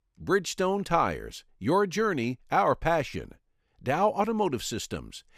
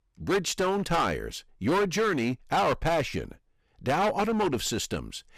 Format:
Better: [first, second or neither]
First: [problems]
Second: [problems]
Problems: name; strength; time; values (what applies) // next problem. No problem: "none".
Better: first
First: none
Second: distortion; heavy; 13% of the sound clipped